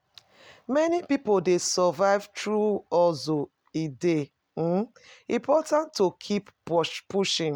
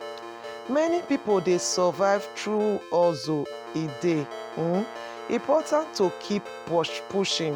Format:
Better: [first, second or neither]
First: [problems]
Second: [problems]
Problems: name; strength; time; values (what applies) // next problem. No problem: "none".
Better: first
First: none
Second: background sound (Ringtone + Brass instrument); 12 dB below the speech